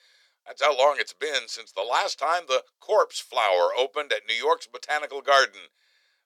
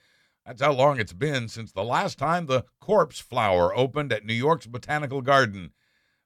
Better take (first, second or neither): second